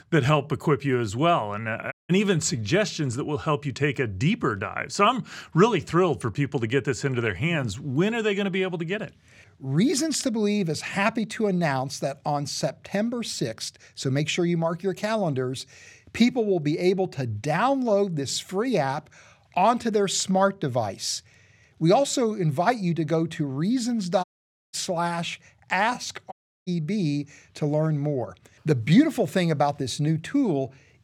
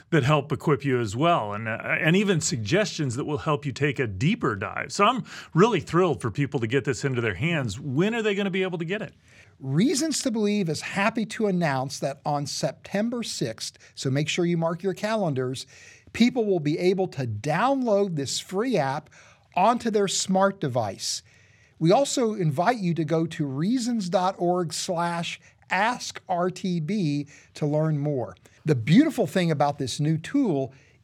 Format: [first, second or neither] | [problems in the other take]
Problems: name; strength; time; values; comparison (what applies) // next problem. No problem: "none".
second | audio cutting out; at 2 s, at 24 s and at 26 s